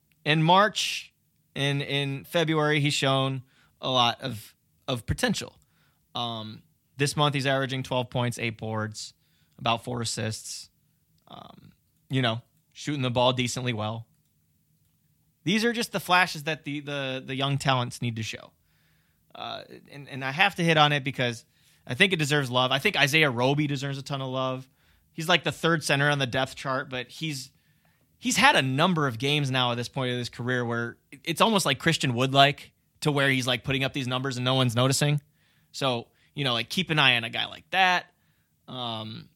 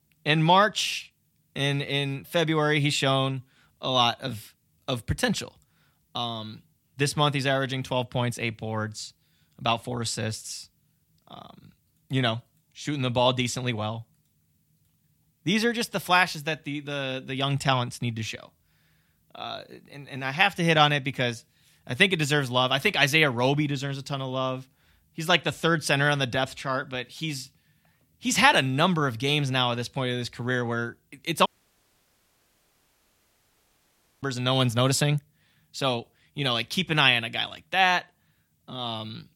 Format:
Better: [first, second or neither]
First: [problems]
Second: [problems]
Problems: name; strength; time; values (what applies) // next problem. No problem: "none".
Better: first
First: none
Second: audio cutting out; at 31 s for 3 s